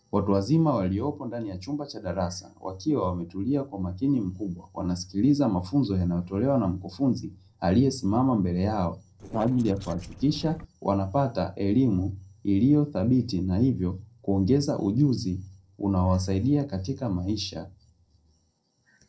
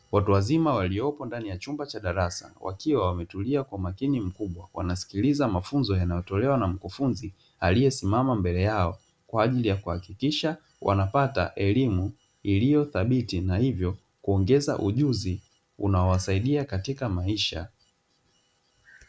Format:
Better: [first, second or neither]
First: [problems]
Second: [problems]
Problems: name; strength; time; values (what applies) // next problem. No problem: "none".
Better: second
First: noise reduction (neural separator model SepFormer DNS4)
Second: none